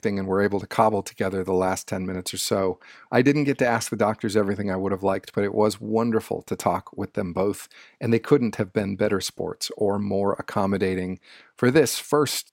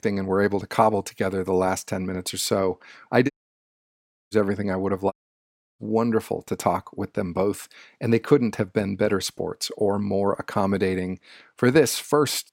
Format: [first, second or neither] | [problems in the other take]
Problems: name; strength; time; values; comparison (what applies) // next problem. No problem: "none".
first | audio cutting out; at 3.5 s for 1 s and at 5 s for 0.5 s